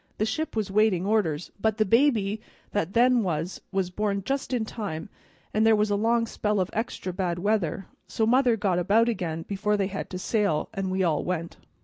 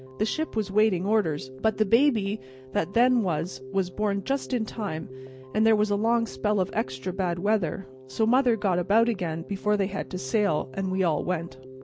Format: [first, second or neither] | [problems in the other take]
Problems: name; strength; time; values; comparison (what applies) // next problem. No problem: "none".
first | background sound (Keyboard (musical)); 17 dB below the speech